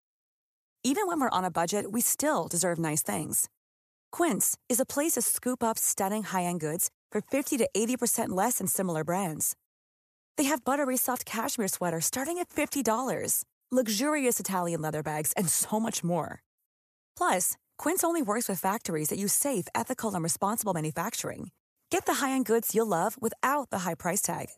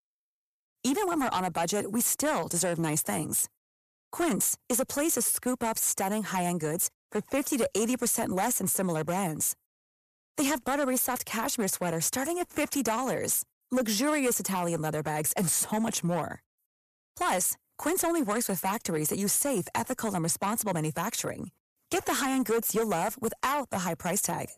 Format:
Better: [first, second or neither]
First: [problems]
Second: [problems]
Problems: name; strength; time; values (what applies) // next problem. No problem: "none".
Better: first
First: none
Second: distortion; slight; 9% of the sound clipped